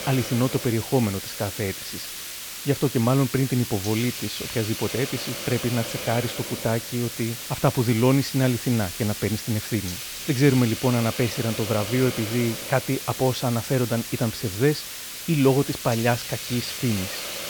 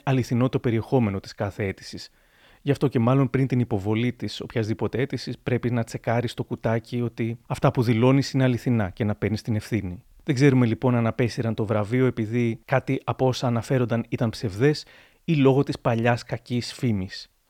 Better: second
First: hiss; loud; throughout; 7 dB below the speech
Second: none

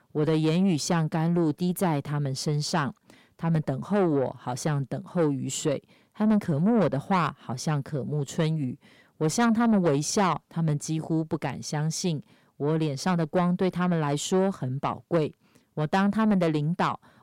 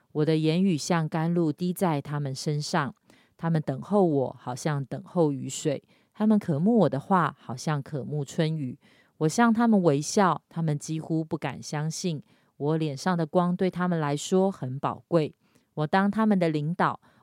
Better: second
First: distortion; slight; 10 dB below the speech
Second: none

